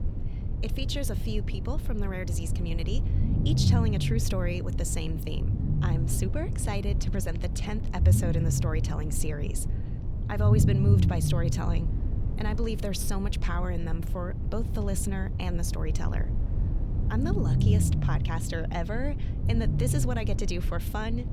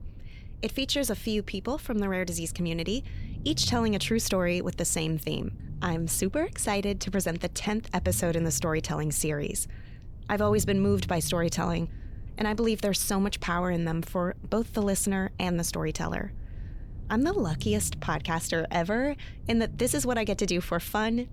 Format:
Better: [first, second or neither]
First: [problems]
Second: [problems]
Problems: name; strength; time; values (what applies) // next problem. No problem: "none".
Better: second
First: low rumble; loud; throughout; 5 dB below the speech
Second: low rumble; faint; throughout; 25 dB below the speech